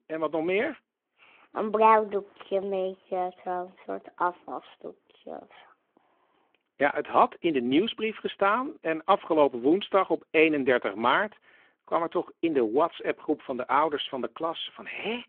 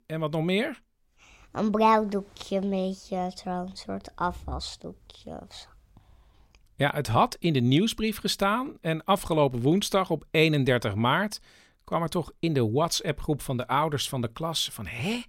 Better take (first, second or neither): second